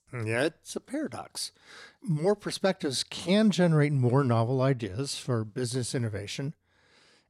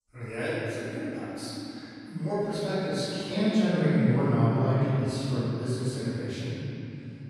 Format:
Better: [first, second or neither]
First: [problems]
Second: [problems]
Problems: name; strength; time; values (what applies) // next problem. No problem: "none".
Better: first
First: none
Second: off-mic speech; far // room echo; strong; dies away in 3 s